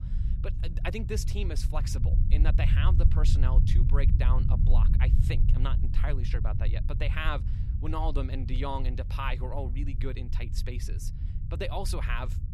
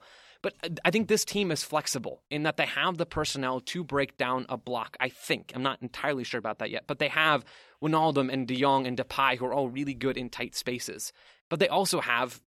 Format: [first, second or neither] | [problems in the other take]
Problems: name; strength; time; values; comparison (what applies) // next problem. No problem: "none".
second | low rumble; loud; throughout; 8 dB below the speech